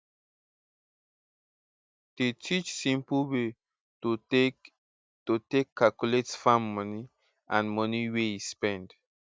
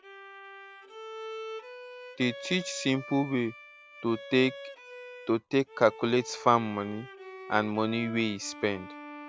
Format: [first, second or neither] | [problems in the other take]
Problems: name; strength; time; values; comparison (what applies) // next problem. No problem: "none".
first | background sound (Bowed string instrument); 14 dB below the speech